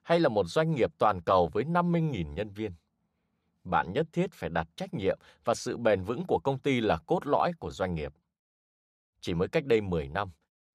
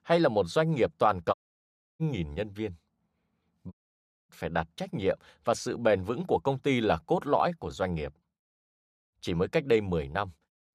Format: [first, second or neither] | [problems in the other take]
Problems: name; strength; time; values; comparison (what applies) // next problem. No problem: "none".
first | audio cutting out; at 1.5 s for 0.5 s and at 3.5 s for 0.5 s